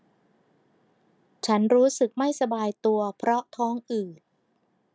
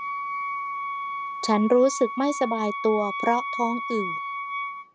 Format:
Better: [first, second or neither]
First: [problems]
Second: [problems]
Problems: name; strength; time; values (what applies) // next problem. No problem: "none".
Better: first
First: none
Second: background sound (Wind instrument, woodwind instrument); 5 dB below the speech